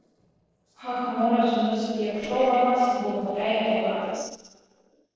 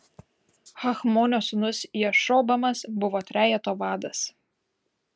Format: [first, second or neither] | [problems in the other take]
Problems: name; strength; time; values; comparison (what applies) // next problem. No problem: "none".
second | noise reduction (neural separator model SepFormer DNS4)